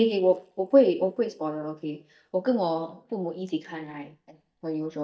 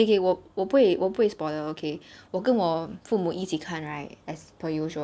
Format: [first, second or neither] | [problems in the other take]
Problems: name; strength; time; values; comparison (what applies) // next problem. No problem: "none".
second | noise reduction (neural mask model DeepFilterNet 3)